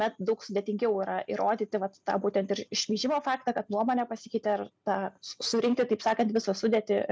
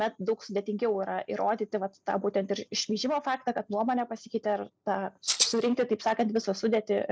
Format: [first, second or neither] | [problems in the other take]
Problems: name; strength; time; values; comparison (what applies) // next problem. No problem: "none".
first | noise reduction (neural separator model SepFormer DNS4)